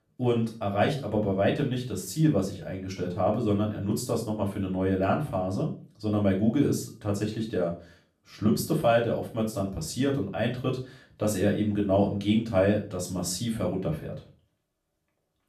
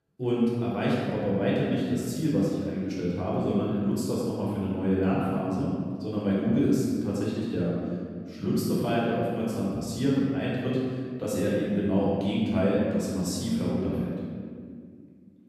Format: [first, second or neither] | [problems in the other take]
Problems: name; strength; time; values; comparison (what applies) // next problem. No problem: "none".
first | room echo; strong; dies away in 2 s; slight in the first // off-mic speech; far; far in the first